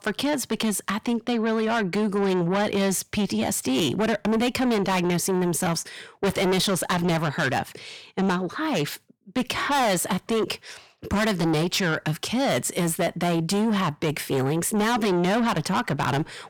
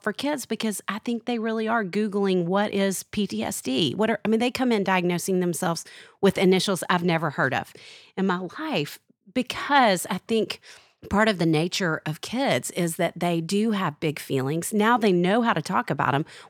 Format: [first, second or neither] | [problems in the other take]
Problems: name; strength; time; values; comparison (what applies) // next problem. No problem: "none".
second | distortion; heavy; 7 dB below the speech